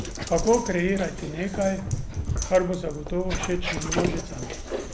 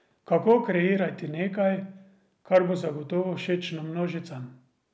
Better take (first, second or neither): second